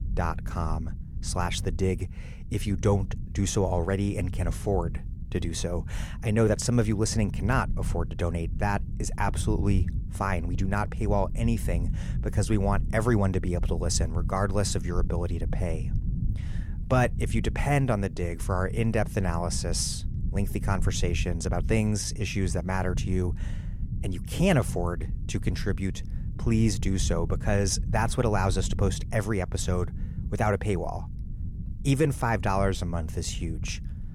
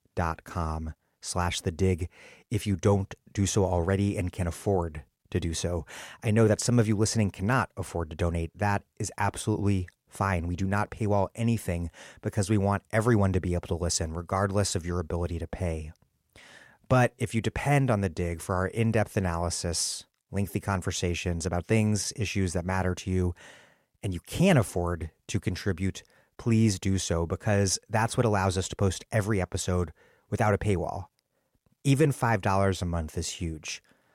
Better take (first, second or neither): second